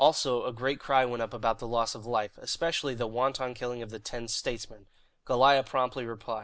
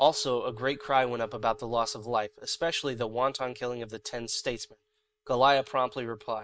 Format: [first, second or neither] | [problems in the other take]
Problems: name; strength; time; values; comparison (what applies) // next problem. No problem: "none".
first | noise reduction (neural mask model RNNoise)